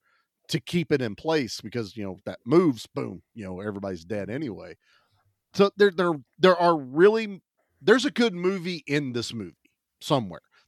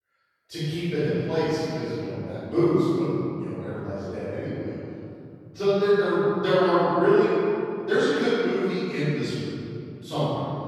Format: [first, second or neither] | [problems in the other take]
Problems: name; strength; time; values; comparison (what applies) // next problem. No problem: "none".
first | off-mic speech; far // room echo; strong; dies away in 2.9 s